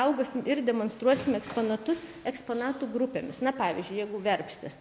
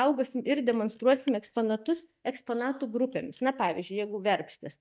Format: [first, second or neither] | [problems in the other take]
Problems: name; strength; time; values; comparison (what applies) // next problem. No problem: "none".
first | noise reduction (neural mask model DeepFilterNet 3)